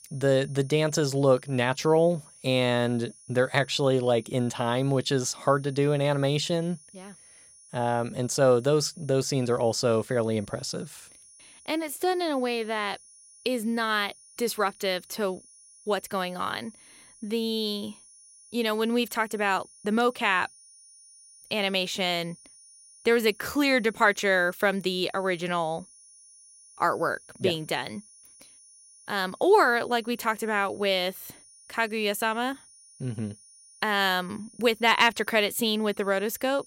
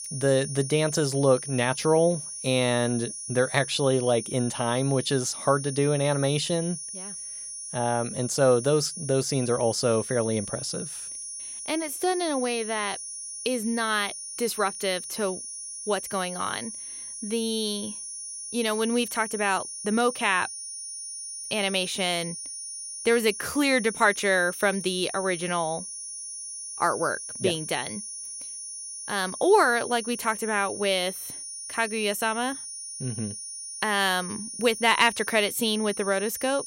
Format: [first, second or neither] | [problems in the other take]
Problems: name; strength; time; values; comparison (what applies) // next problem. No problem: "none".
first | high-pitched whine; loud; throughout; 9.5 kHz, 9 dB below the speech; faint in the first